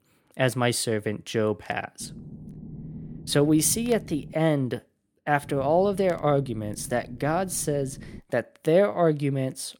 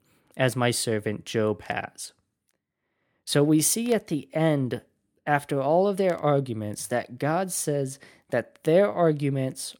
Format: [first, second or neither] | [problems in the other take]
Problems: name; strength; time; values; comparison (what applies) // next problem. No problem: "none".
second | low rumble; faint; from 2 to 4.5 s and from 5.5 to 8 s; 25 dB below the speech